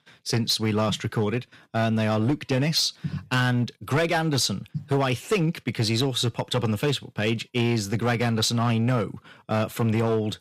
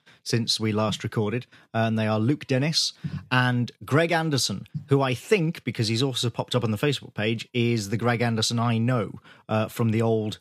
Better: second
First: distortion; slight; 7% of the sound clipped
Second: none

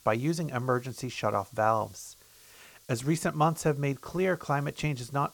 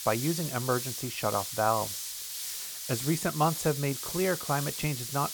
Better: first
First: hiss; faint; throughout; 25 dB below the speech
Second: hiss; loud; throughout; 4 dB below the speech

